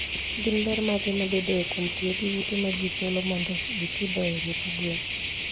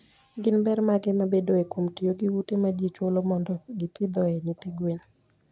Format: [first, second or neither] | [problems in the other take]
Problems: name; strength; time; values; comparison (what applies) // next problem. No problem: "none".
second | background sound (Cricket); 2 dB below the speech